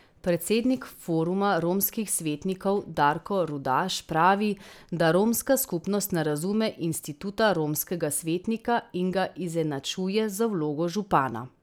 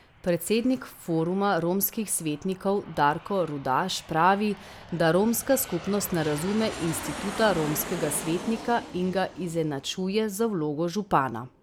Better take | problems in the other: first | background sound (Aircraft); 14 dB below the speech

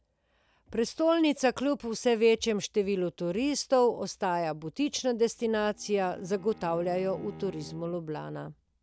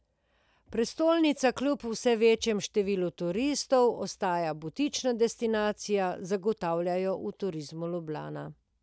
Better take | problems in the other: second | background sound (Bowed string instrument); 20 dB below the speech

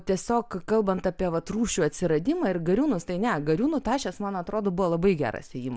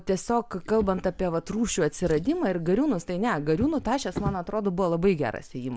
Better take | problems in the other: first | background sound (Drawer open or close); 15 dB below the speech

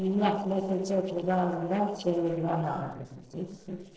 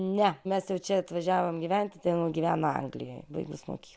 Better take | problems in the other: second | noise reduction (neural separator model SepFormer DNS4)

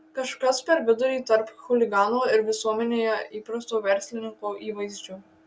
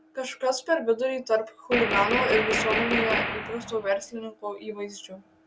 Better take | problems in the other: first | background sound (Gunshot, gunfire); as loud as the speech

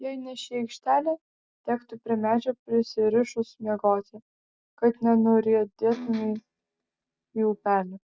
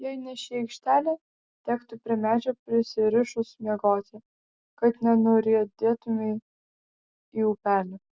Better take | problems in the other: second | noise reduction (neural mask model DeepFilterNet 3)

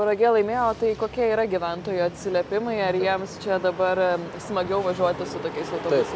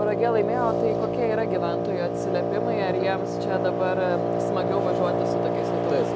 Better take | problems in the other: first | background sound (Wind instrument, woodwind instrument); 2 dB above the speech

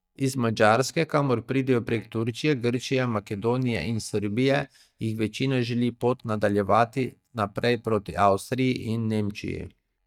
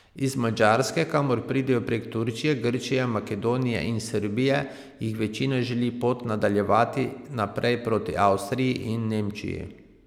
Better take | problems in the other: second | noise reduction (neural mask model DeepFilterNet 3)

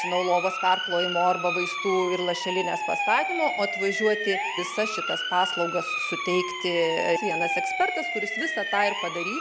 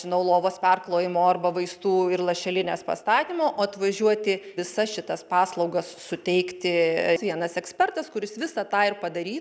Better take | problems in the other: second | background sound (Siren); 3 dB below the speech

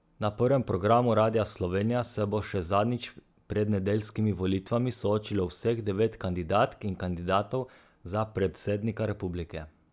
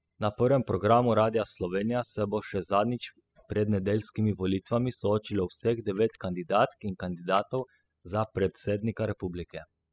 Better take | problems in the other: first | noise reduction (classical method spectral subtraction)

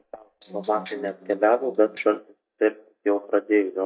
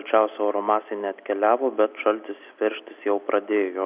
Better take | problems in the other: second | noise reduction (neural mask model DeepFilterNet 3)

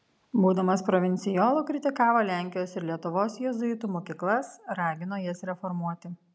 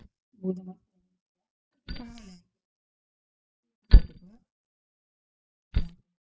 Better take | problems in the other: first | noise reduction (neural mask model DeepFilterNet 3)

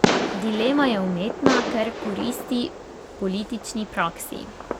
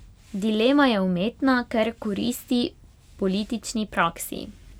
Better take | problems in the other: second | background sound (Fireworks); 2 dB below the speech

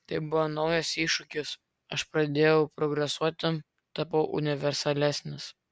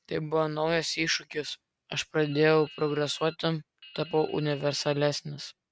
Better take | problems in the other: first | noise reduction (neural mask model RNNoise)

